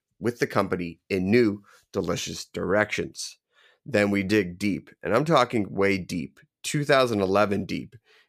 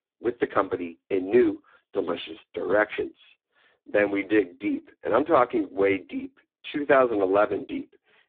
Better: first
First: none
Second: phone-call audio; poor line

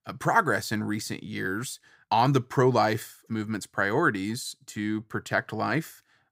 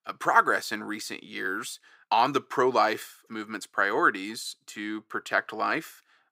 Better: first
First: none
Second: thin; somewhat; fading below 350 Hz

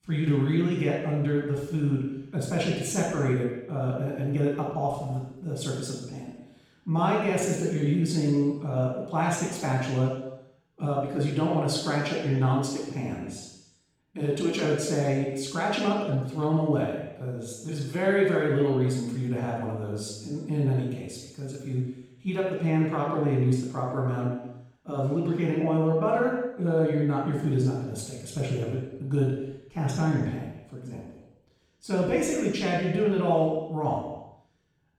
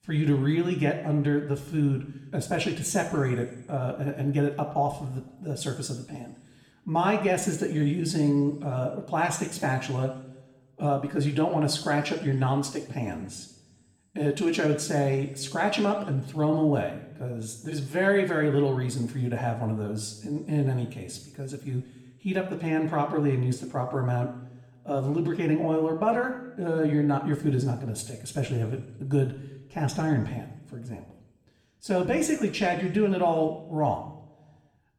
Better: second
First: room echo; strong; dies away in 0.9 s // off-mic speech; far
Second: room echo; slight; dies away in 0.8 s // off-mic speech; somewhat distant

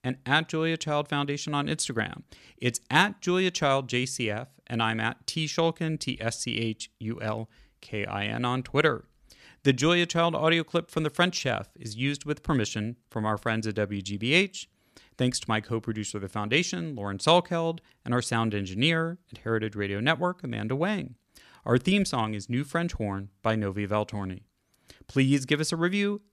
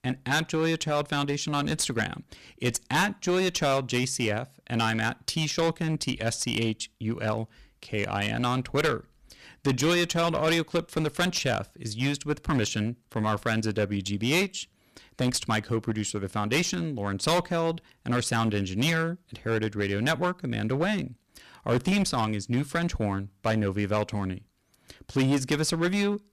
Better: first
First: none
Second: distortion; heavy; 10% of the sound clipped

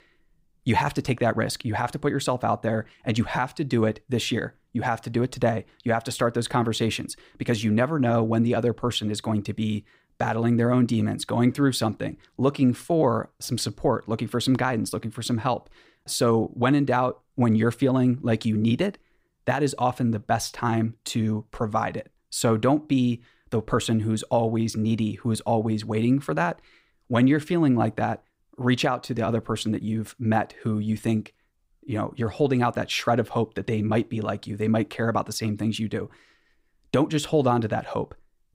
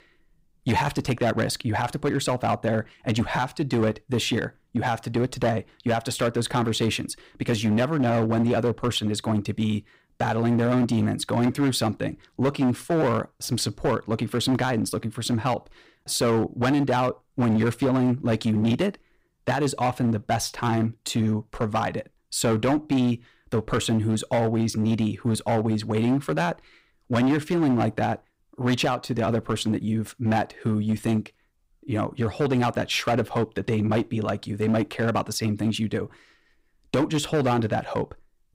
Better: first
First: none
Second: distortion; slight; 10% of the sound clipped

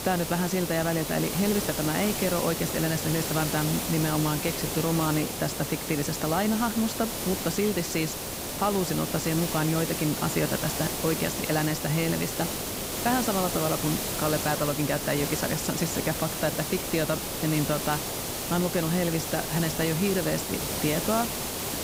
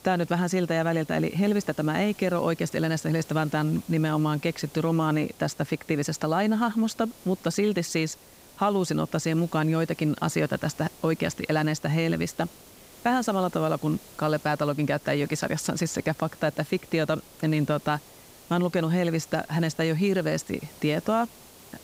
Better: second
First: hiss; loud; throughout; 2 dB below the speech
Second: hiss; faint; throughout; 20 dB below the speech

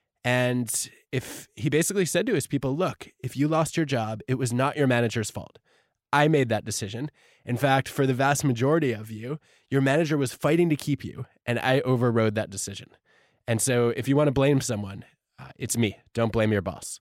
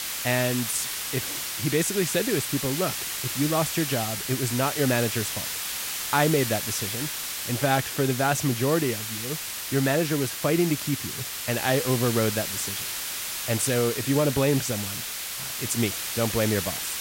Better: first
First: none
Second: hiss; loud; throughout; 3 dB below the speech

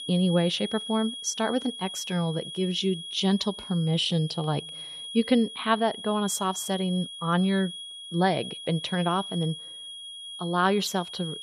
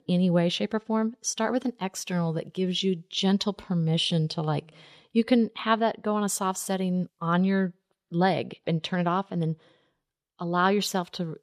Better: second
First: high-pitched whine; loud; throughout; 3.5 kHz, 9 dB below the speech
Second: none

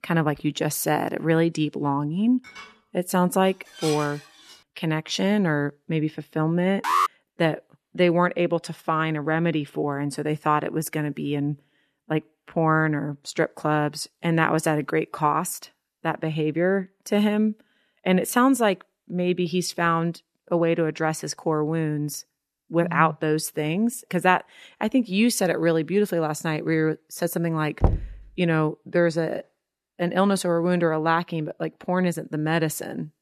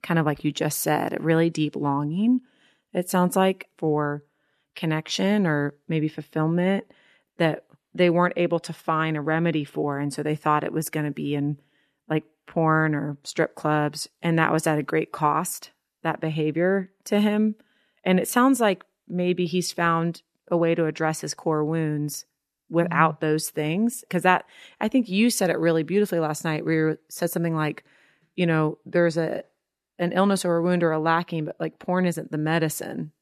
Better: second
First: clattering dishes; noticeable; from 2.5 to 4.5 s; peak 9 dB below the speech // alarm; loud; at 7 s; peak 2 dB above the speech // door banging; noticeable; at 28 s; peak 1 dB below the speech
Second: none

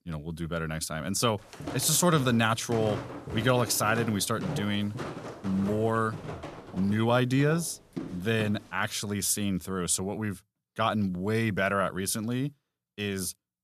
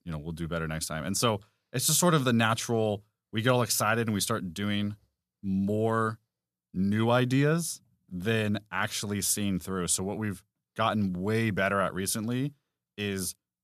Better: second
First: footsteps; noticeable; from 1.5 to 8.5 s; peak 7 dB below the speech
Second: none

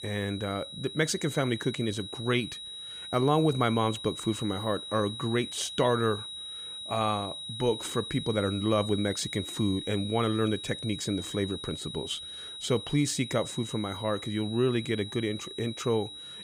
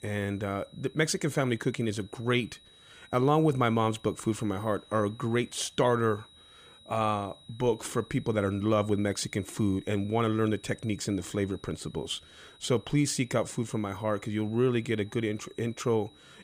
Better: second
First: high-pitched whine; loud; throughout; 4 kHz, 8 dB below the speech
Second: high-pitched whine; faint; throughout; 4 kHz, 25 dB below the speech

